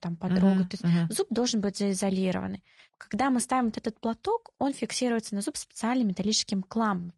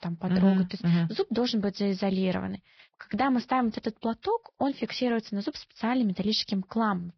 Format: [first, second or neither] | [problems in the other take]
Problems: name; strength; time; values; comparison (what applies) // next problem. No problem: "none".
first | garbled, watery; badly; nothing above 5.5 kHz; slightly in the first